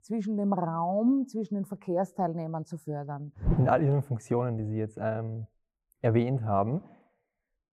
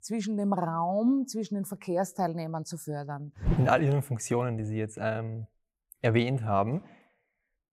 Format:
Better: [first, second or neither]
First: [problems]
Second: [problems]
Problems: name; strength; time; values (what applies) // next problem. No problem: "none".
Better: second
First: muffled; slightly; fading above 2 kHz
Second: none